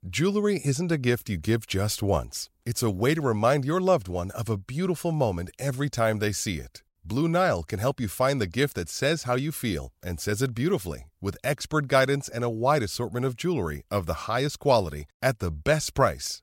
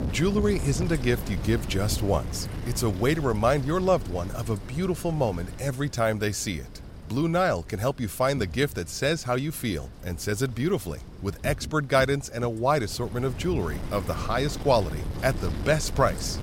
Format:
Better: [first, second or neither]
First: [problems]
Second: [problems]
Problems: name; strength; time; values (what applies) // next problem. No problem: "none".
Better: first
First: none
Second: wind noise on the microphone; occasional gusts; 15 dB below the speech